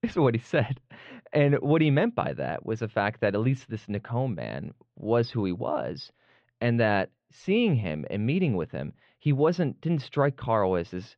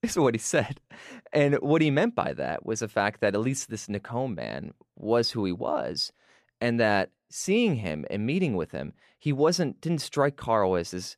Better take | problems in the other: second | muffled; slightly; fading above 3.5 kHz

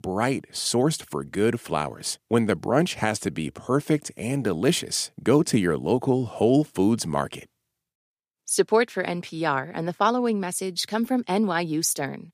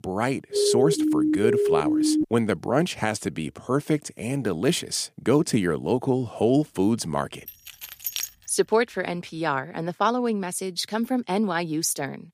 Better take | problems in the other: first | siren; loud; from 0.5 to 2.5 s; peak 3 dB above the speech // jangling keys; noticeable; at 7.5 s; peak 3 dB below the speech

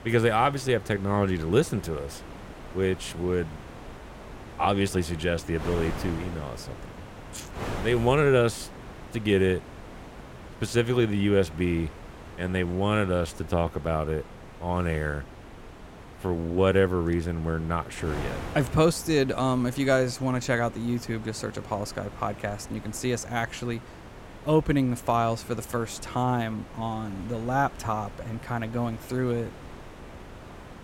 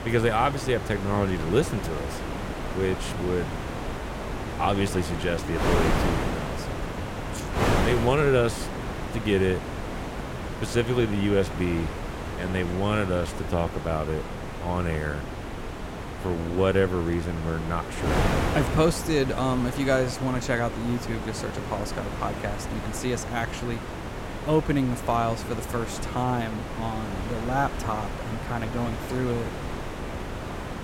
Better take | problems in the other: first | wind noise on the microphone; heavy; 5 dB below the speech; occasional gusts in the first

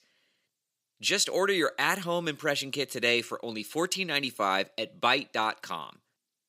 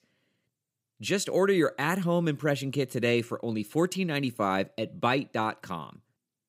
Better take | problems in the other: second | thin; somewhat; fading below 750 Hz

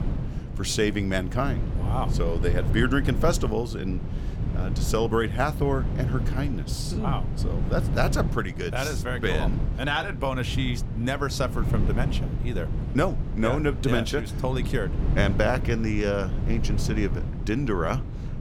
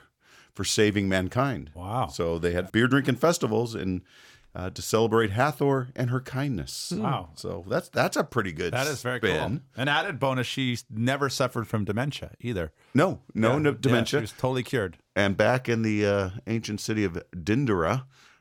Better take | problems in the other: second | low rumble; noticeable; throughout; 10 dB below the speech

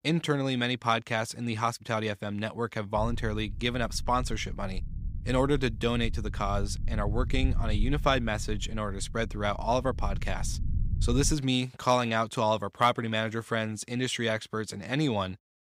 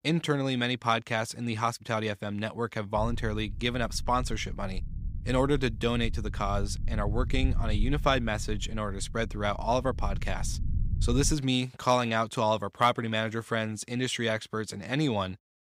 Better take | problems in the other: neither | low rumble; faint; from 3 to 11 s; 20 dB below the speech; the same in both

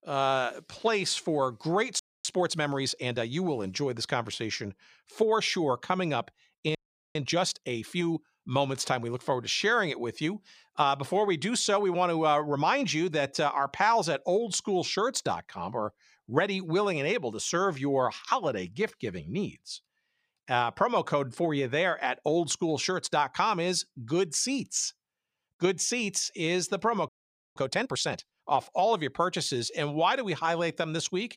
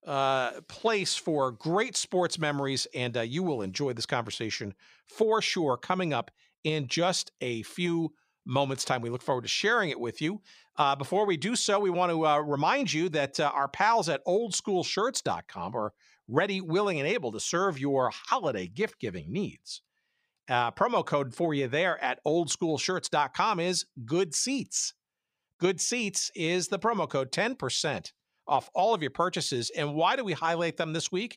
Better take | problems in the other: second | audio freezing; at 2 s, at 7 s and at 27 s

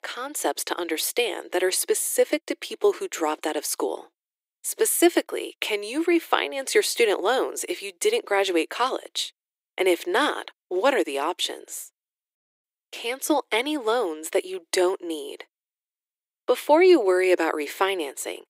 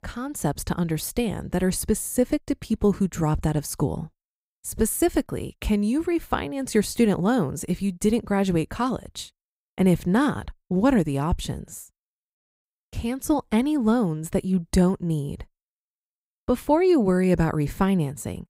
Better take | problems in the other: second | thin; very; fading below 350 Hz

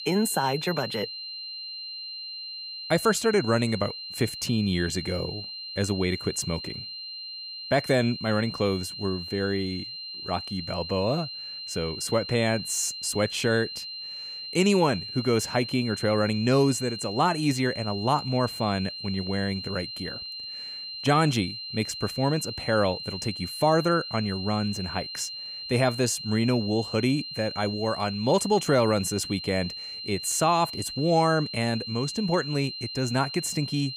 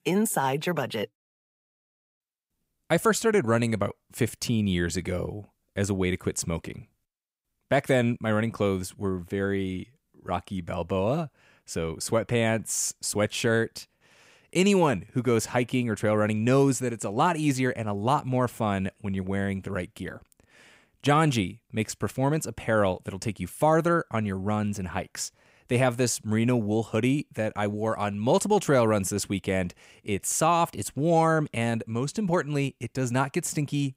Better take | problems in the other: second | high-pitched whine; loud; throughout; 4 kHz, 8 dB below the speech

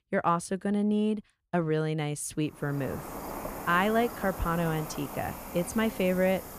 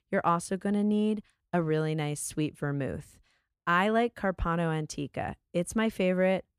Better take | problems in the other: second | animal sounds; noticeable; from 3 s on; 10 dB below the speech

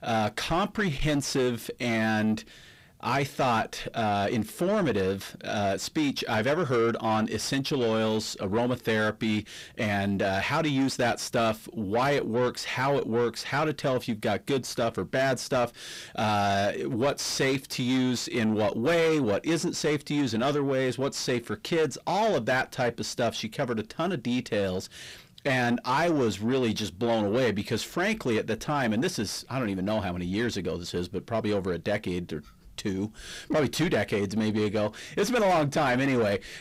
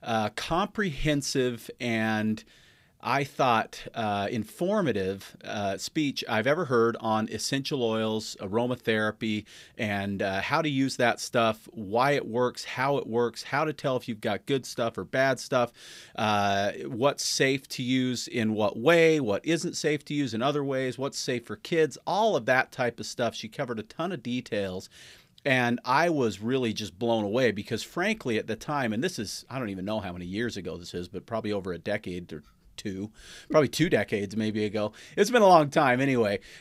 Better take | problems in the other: second | distortion; heavy; 8 dB below the speech

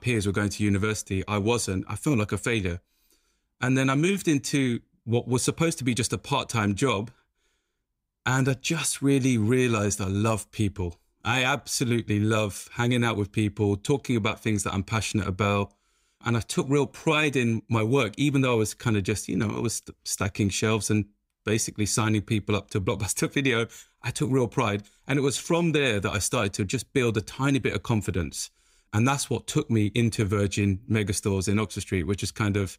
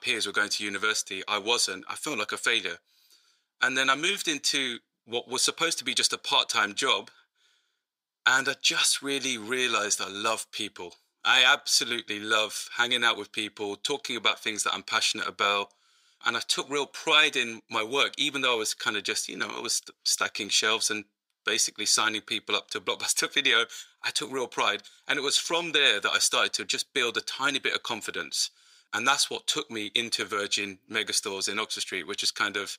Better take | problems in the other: first | thin; very; fading below 550 Hz

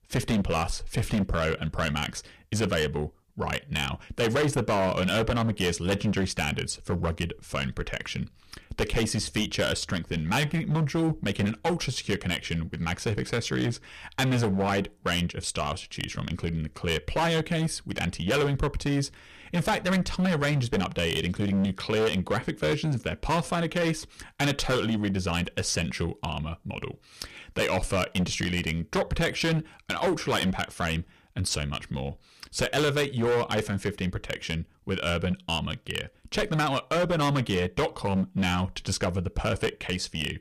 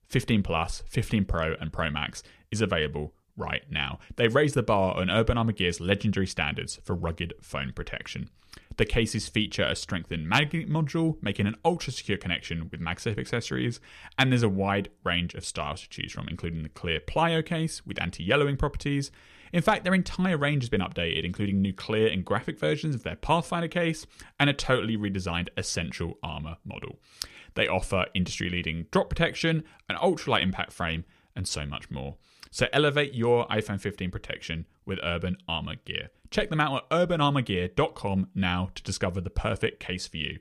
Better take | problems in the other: second | distortion; heavy; 11% of the sound clipped

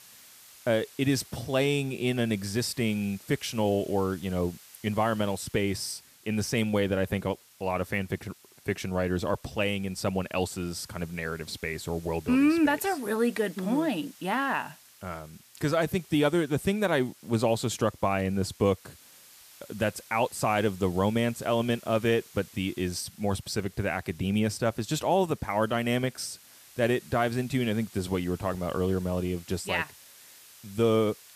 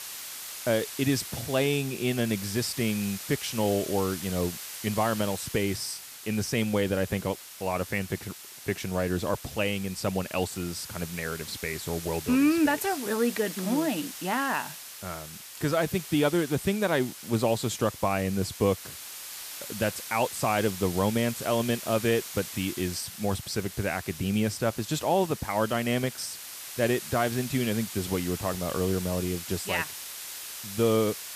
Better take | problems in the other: first | hiss; loud; throughout; 10 dB below the speech; faint in the first

